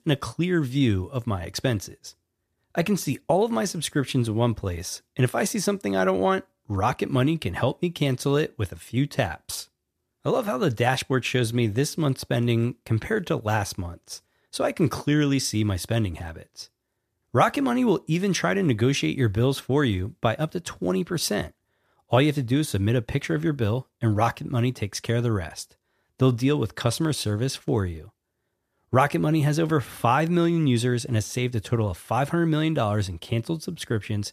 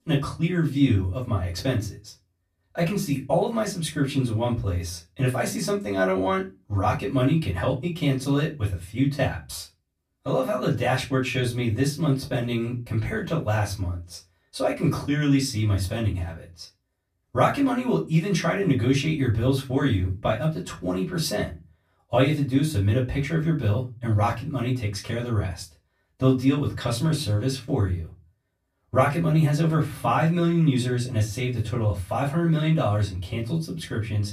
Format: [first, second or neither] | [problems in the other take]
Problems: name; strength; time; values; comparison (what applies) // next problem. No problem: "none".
first | off-mic speech; far // room echo; very slight; dies away in 0.3 s